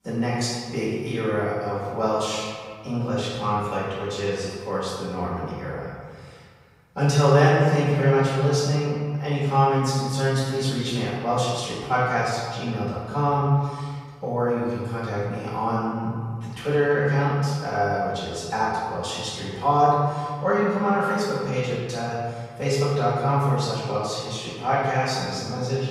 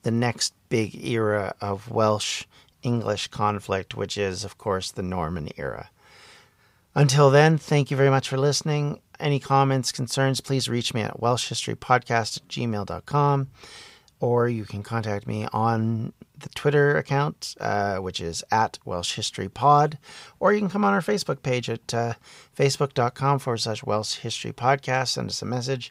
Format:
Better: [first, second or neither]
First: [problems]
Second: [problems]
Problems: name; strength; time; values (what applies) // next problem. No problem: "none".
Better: second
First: off-mic speech; far // room echo; strong; dies away in 1.6 s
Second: none